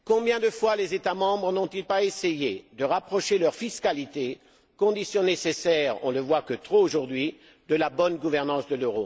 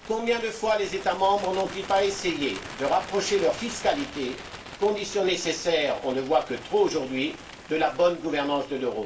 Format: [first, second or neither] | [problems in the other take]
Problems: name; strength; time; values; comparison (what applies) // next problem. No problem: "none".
first | background sound (Bird); 15 dB below the speech // room echo; dies away in 0.3 s